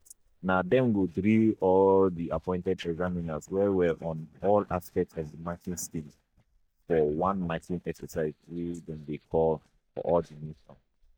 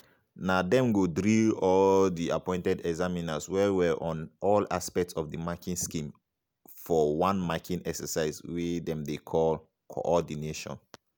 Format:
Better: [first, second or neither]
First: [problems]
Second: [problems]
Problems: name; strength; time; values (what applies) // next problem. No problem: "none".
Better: second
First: noise reduction (neural mask model DeepFilterNet 3)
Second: none